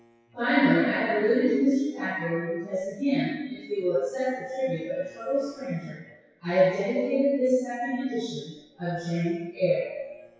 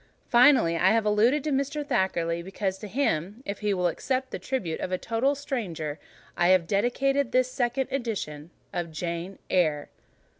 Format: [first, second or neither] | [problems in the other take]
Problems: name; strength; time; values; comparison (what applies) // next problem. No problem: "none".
second | noise reduction (classical method WPE with log-MMSE)